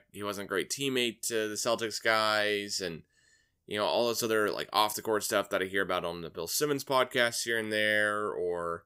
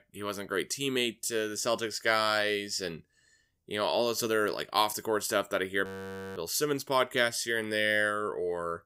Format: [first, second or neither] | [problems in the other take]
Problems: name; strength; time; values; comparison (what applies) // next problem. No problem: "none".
first | audio freezing; at 6 s for 0.5 s